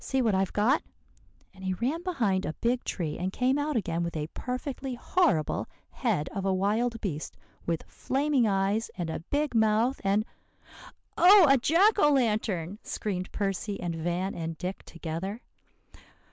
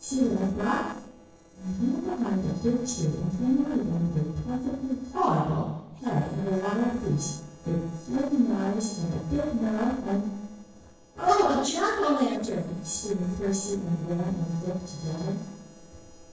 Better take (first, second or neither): first